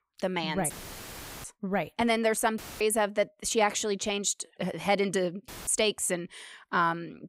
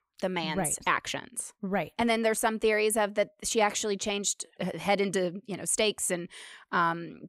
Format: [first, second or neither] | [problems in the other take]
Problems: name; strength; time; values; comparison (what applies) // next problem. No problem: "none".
second | audio cutting out; filled with static; at 0.5 s for 0.5 s, at 2.5 s and at 5.5 s